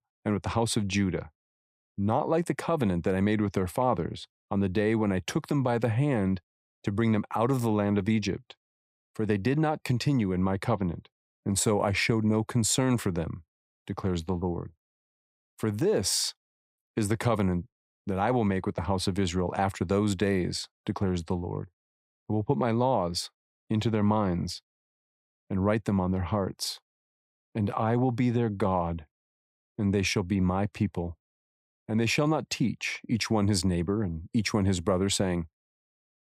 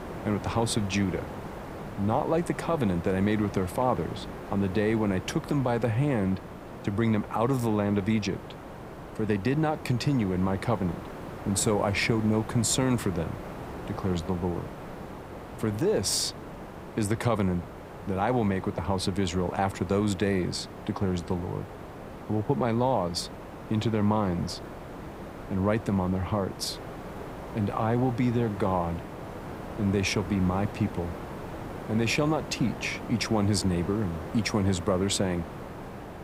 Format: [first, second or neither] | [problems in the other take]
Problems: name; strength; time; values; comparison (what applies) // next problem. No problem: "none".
first | hiss; noticeable; throughout; 10 dB below the speech